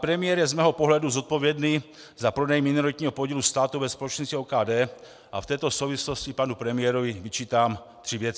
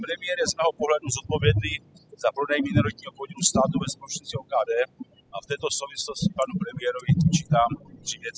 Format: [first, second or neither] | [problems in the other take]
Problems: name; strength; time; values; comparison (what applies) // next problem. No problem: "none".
first | noise reduction (classical method spectral subtraction)